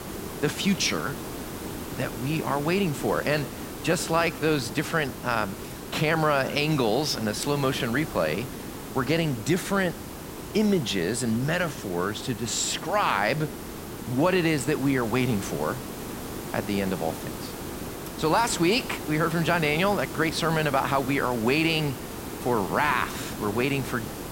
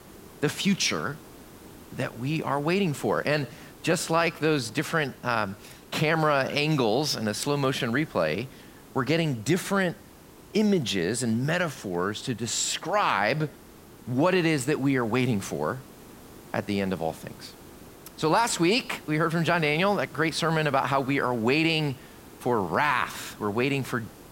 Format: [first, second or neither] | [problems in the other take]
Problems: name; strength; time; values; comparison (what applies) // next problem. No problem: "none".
second | hiss; loud; throughout; 10 dB below the speech; faint in the second